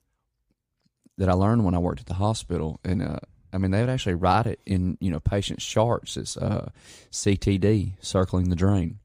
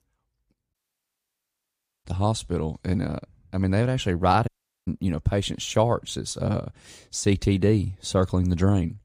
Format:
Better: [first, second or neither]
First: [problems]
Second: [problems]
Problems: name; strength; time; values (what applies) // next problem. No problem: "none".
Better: first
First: none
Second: audio cutting out; at 0.5 s for 1.5 s and at 4.5 s